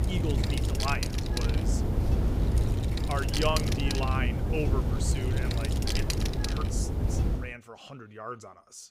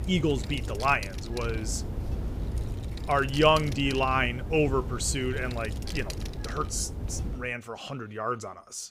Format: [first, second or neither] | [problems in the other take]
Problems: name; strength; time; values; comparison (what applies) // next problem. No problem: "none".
second | wind noise on the microphone; heavy; until 7.5 s; as loud as the speech; occasional gusts in the second